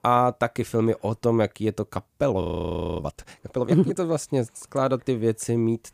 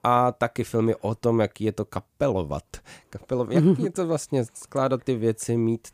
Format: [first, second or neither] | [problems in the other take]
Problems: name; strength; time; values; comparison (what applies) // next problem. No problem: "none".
second | audio freezing; at 2.5 s for 0.5 s